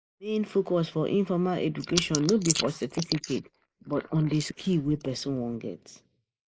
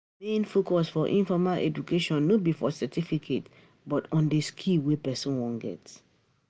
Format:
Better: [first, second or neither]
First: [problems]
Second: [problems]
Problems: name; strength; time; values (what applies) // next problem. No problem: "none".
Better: second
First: noise reduction (neural mask model Resemble Enhance denoiser)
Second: none